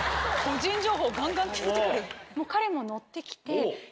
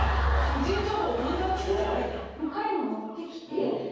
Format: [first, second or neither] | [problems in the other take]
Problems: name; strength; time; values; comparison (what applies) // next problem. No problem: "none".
first | background sound (Bird vocalization, bird call, bird song); 20 dB below the speech // room echo; dies away in 1.3 s